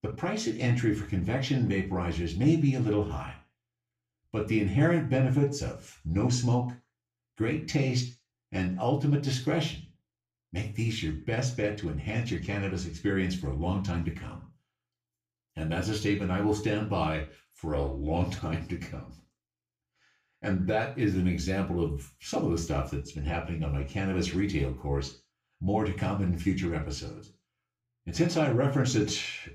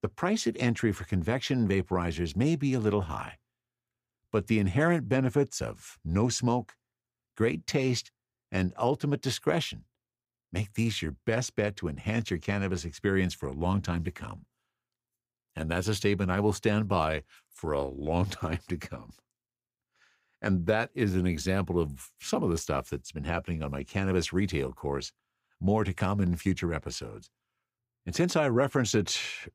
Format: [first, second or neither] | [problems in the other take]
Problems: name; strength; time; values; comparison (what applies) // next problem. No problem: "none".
second | room echo; slight; dies away in 0.3 s // off-mic speech; far